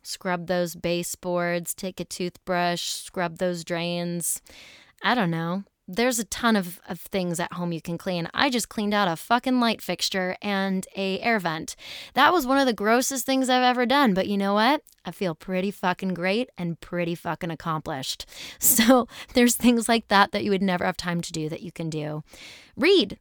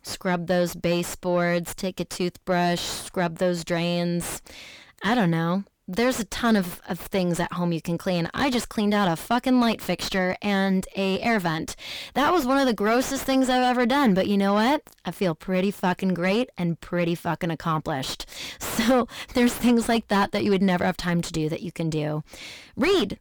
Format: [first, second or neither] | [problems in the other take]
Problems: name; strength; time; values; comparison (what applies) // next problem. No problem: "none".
first | distortion; heavy; 6 dB below the speech